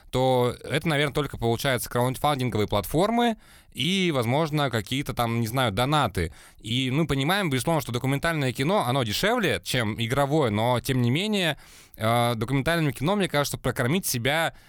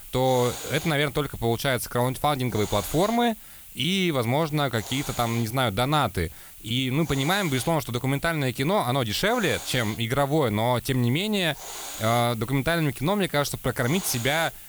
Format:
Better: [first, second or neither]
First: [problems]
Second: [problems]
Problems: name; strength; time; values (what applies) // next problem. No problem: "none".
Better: first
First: none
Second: hiss; noticeable; throughout; 15 dB below the speech